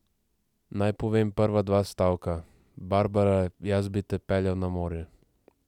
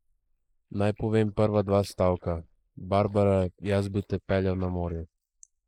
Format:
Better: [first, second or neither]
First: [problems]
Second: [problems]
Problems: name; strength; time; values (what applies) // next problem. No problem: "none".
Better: first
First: none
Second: noise reduction (neural mask model Resemble Enhance denoiser)